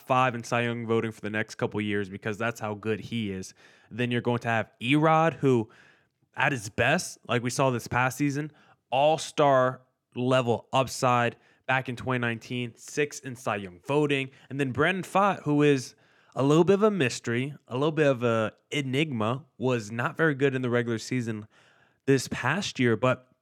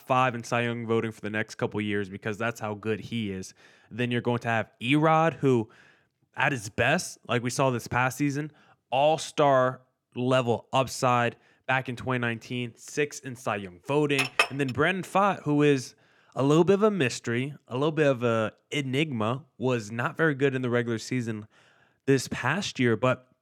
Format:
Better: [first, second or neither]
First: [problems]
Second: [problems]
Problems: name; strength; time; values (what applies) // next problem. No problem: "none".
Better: first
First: none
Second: clattering dishes; loud; at 14 s; peak 2 dB above the speech